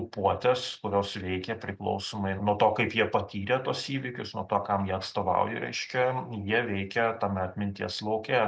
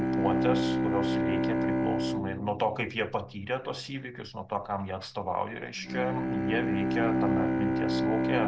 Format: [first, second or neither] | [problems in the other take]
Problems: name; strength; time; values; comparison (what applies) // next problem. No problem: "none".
first | background sound (Bowed string instrument); 4 dB above the speech